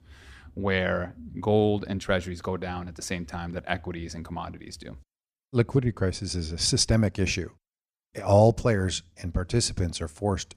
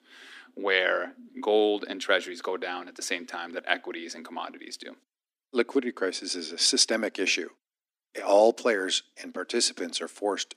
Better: first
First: none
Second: thin; somewhat; fading below 250 Hz

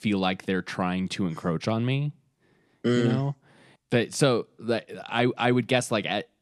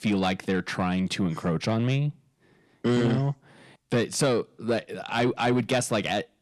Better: first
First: none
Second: distortion; slight; 10 dB below the speech

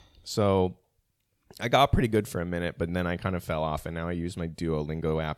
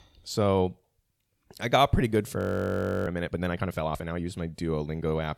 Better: first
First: none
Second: audio freezing; at 2.5 s for 0.5 s

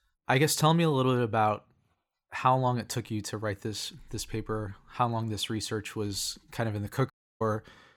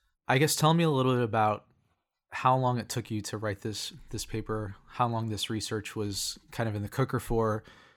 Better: second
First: audio cutting out; at 7 s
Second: none

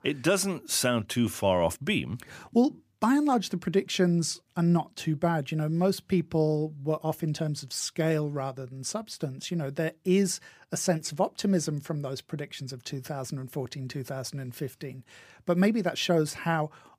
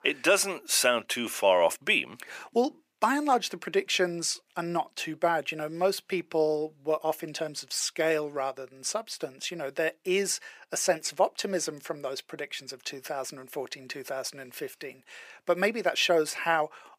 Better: first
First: none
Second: thin; somewhat; fading below 500 Hz

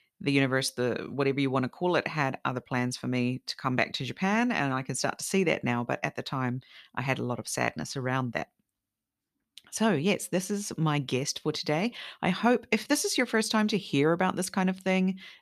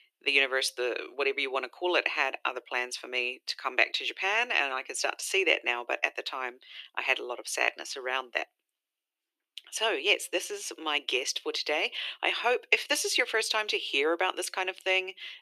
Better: first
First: none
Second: thin; very; fading below 350 Hz

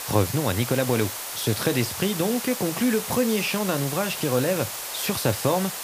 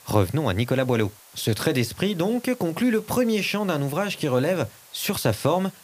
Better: second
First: hiss; loud; throughout; 5 dB below the speech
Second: hiss; faint; throughout; 25 dB below the speech

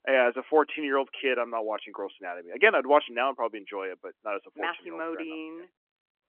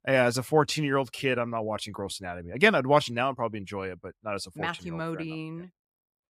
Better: second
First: phone-call audio; nothing above 3 kHz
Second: none

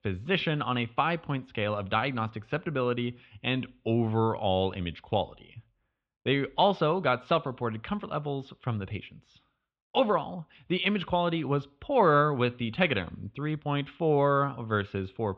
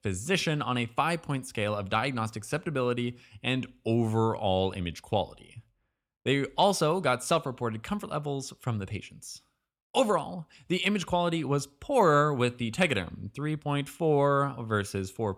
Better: second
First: muffled; very; fading above 3.5 kHz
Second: none

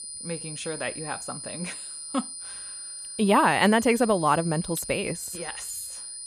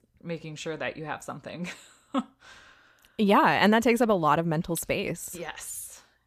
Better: second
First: high-pitched whine; loud; throughout; 9.5 kHz, 10 dB below the speech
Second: none

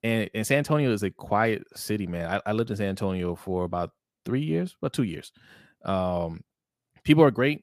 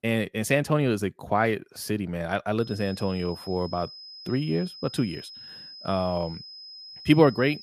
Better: first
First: none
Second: high-pitched whine; noticeable; from 2.5 s on; 5 kHz, 15 dB below the speech

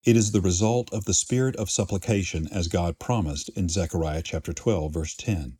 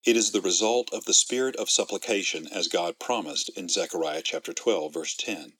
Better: first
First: none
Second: thin; somewhat; fading below 300 Hz

